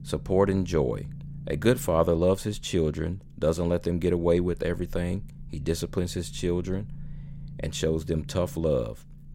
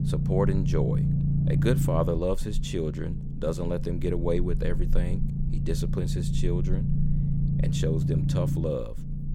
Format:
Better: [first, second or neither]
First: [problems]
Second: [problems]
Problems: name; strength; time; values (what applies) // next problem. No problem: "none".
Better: first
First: low rumble; faint; throughout; 25 dB below the speech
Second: low rumble; loud; throughout; 5 dB below the speech